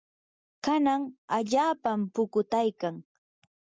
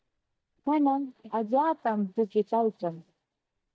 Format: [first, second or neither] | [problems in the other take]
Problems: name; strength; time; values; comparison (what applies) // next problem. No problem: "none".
first | noise reduction (neural mask model DeepFilterNet 3)